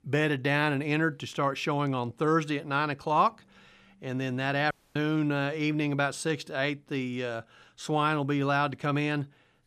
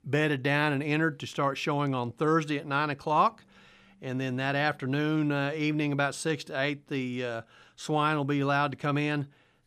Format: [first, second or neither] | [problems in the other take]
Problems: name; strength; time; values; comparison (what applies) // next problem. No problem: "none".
second | audio cutting out; at 4.5 s